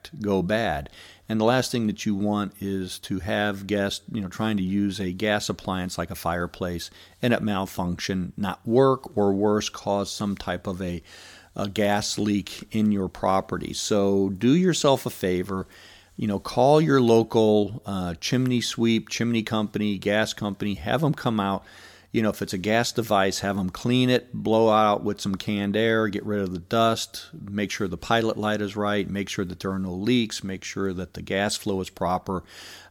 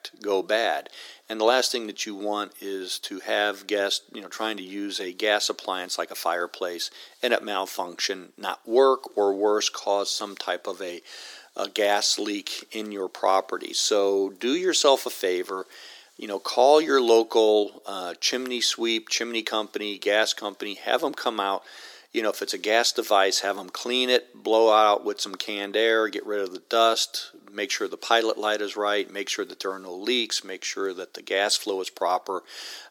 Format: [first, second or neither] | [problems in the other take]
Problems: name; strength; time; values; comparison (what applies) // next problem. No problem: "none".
first | thin; very; fading below 350 Hz